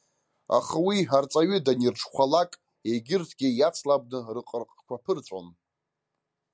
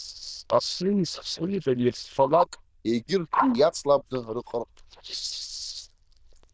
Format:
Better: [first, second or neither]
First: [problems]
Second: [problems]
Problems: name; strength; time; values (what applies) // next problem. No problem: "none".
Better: first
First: none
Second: noise reduction (neural diffusion model UNIVERSE++)